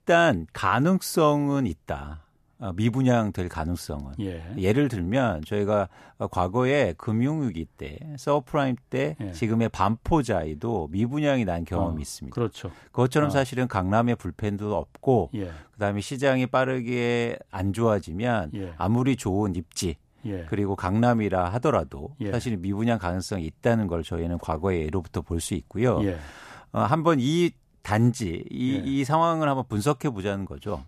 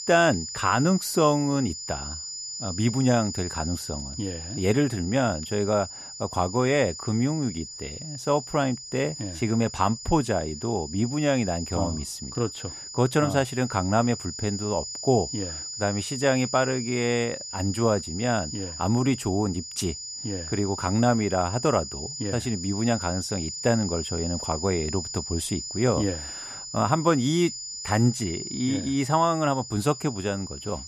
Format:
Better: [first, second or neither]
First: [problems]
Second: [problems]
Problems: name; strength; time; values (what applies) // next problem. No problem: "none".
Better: first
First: none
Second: high-pitched whine; loud; throughout; 7 kHz, 8 dB below the speech